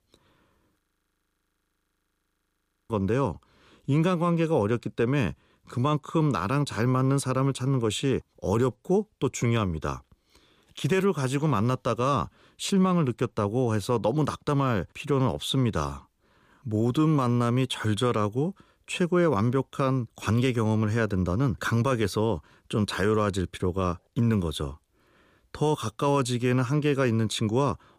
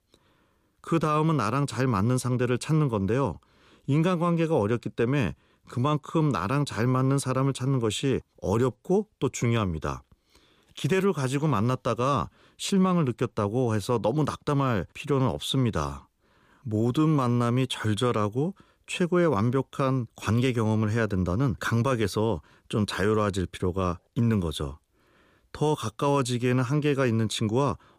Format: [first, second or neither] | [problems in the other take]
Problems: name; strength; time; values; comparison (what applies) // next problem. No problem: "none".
second | audio freezing; at 1 s for 2 s